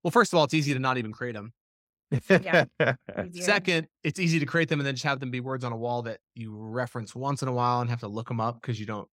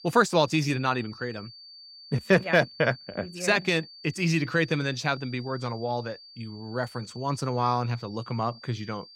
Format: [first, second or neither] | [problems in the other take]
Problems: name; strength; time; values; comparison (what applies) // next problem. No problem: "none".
first | high-pitched whine; noticeable; throughout; 4.5 kHz, 20 dB below the speech